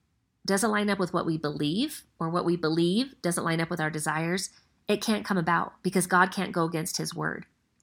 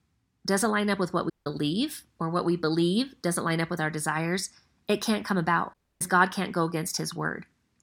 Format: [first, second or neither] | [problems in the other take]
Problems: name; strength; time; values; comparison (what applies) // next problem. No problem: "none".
first | audio cutting out; at 1.5 s and at 5.5 s